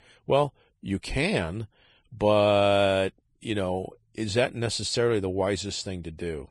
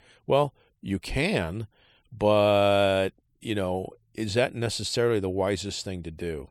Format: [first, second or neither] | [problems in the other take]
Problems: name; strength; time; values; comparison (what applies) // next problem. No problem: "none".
second | garbled, watery; slightly